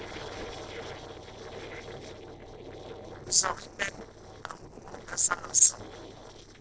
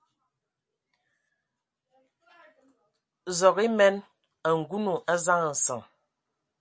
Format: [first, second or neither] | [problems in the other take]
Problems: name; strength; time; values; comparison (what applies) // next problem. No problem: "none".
second | noise reduction (neural separator model SepFormer DNS4)